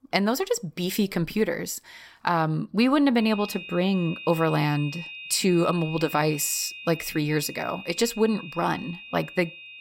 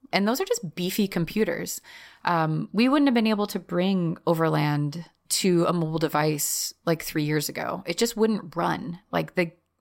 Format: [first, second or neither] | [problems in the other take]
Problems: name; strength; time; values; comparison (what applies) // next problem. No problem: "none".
second | high-pitched whine; noticeable; from 3 s on; 2.5 kHz, 10 dB below the speech